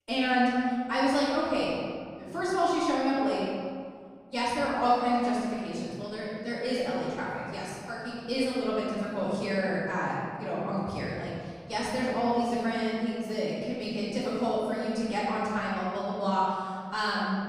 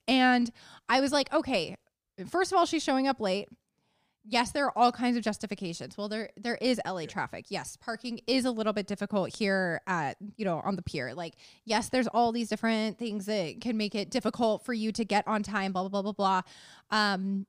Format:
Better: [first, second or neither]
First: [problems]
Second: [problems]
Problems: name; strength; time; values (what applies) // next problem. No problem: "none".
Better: second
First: off-mic speech; far // room echo; strong; dies away in 2.1 s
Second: none